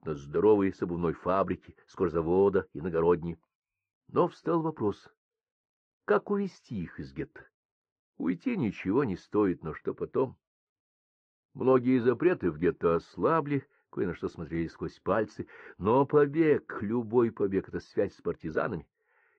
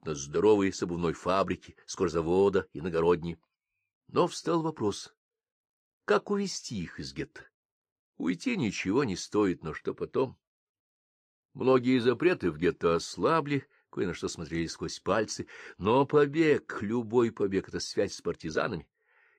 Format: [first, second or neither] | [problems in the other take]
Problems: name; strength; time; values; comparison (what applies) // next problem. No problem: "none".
second | muffled; very; fading above 4 kHz